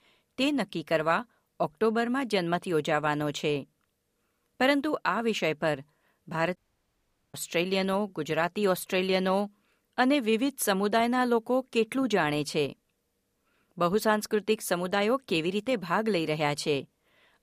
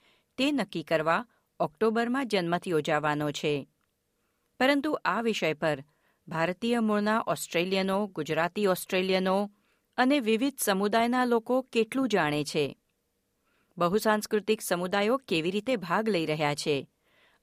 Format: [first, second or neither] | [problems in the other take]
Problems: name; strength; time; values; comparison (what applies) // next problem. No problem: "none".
second | audio cutting out; at 6.5 s for 1 s